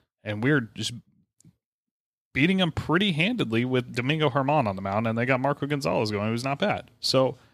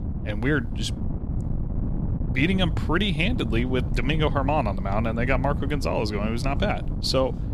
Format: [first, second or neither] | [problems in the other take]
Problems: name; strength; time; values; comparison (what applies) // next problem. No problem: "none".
first | wind noise on the microphone; occasional gusts; 15 dB below the speech